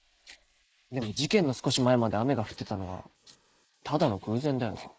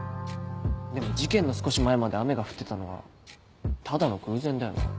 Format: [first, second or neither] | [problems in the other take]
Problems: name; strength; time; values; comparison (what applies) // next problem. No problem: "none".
second | noise reduction (neural mask model Resemble Enhance denoiser)